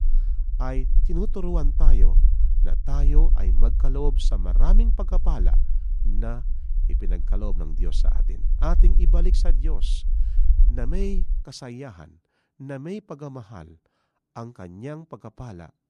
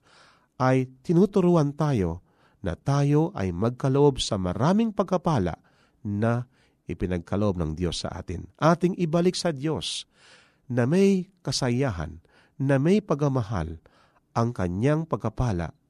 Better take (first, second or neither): second